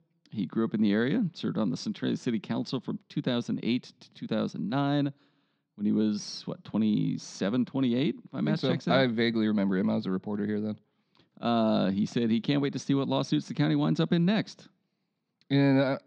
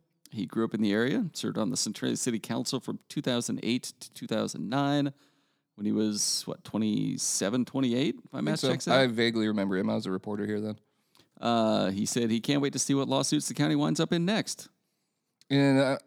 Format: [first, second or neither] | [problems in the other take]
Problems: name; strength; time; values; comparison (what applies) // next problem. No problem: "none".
second | muffled; slightly; fading above 4.5 kHz